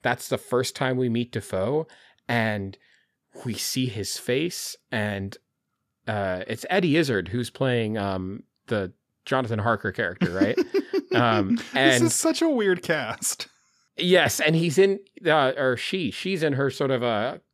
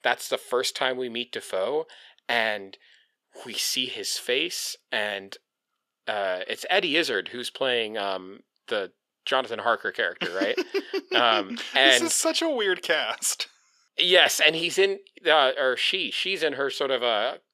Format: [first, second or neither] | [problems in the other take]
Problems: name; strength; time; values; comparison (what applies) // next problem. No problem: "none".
first | thin; somewhat; fading below 500 Hz